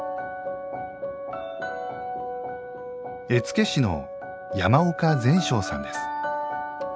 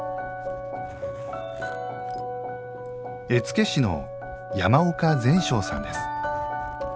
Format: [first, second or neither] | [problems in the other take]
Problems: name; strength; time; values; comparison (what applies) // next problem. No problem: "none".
first | background sound (Zipper (clothing)); 18 dB below the speech